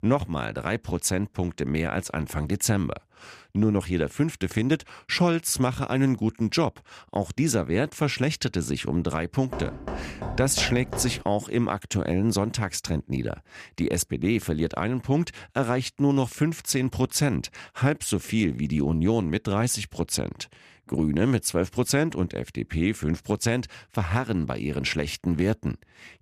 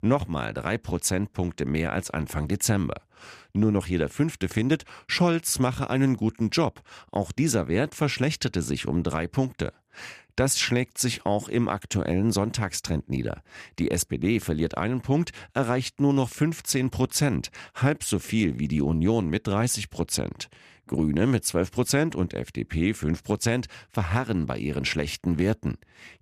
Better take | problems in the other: second | door banging; noticeable; from 9.5 to 11 s; peak 7 dB below the speech

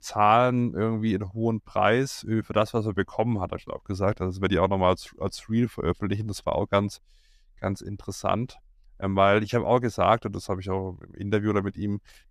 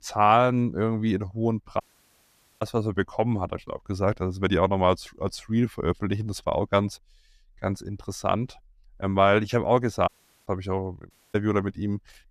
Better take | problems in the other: first | audio cutting out; at 2 s for 1 s, at 10 s and at 11 s

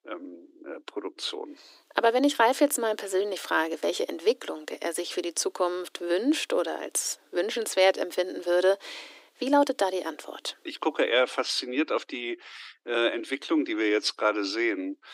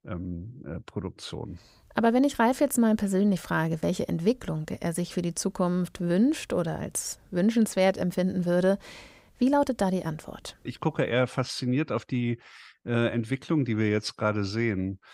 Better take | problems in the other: second | thin; somewhat; fading below 300 Hz

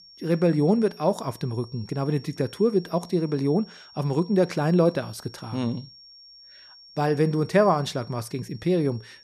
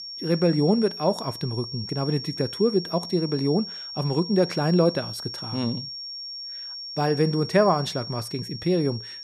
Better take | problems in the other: first | high-pitched whine; loud; throughout; 5.5 kHz, 9 dB below the speech; faint in the first

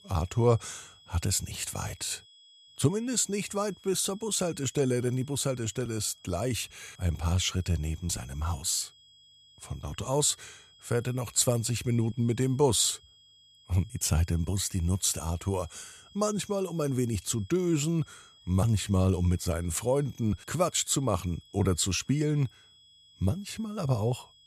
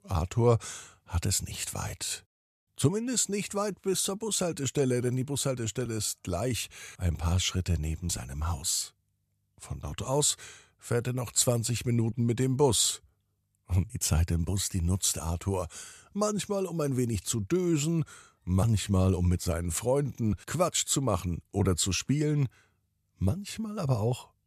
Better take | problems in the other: second | high-pitched whine; faint; throughout; 3.5 kHz, 25 dB below the speech

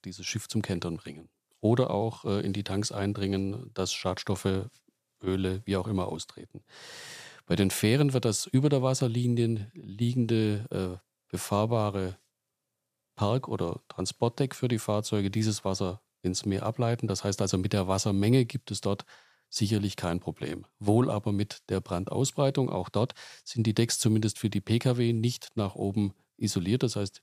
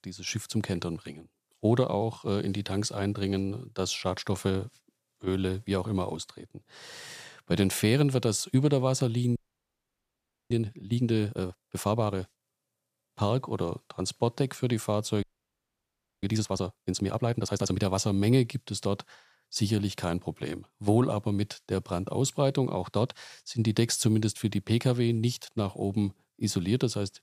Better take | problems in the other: first | audio freezing; at 9.5 s for 1 s and at 15 s for 1 s

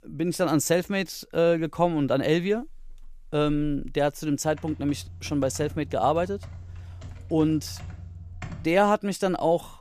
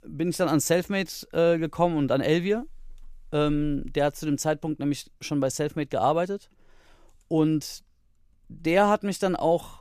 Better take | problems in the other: second | keyboard typing; faint; from 4.5 to 8.5 s; peak 15 dB below the speech

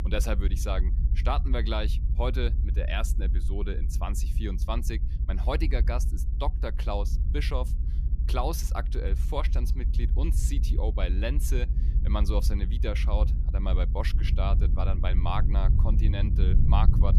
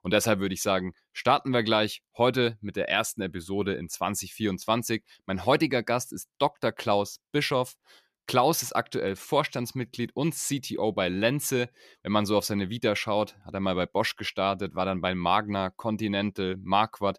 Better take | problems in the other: second | low rumble; noticeable; throughout; 10 dB below the speech

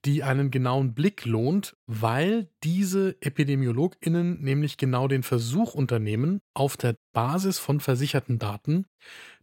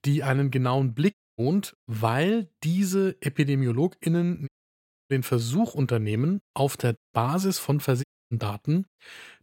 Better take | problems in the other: first | audio cutting out; at 1 s, at 4.5 s for 0.5 s and at 8 s

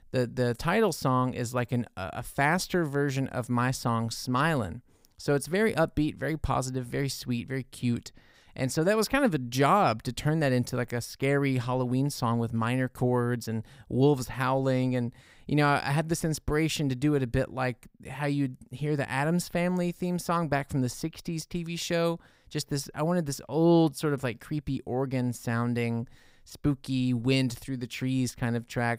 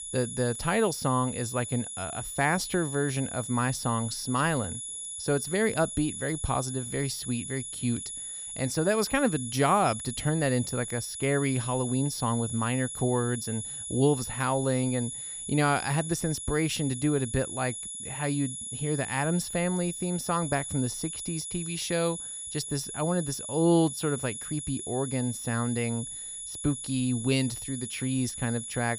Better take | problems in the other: first | high-pitched whine; loud; throughout; 10 kHz, 6 dB below the speech

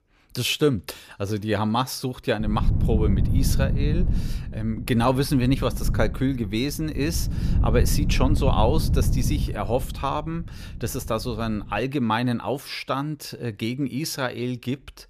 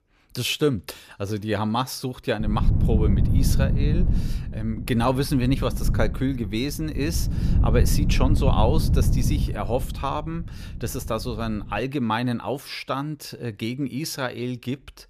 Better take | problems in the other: first | wind noise on the microphone; heavy; from 2.5 to 12 s; 8 dB below the speech; occasional gusts in the first

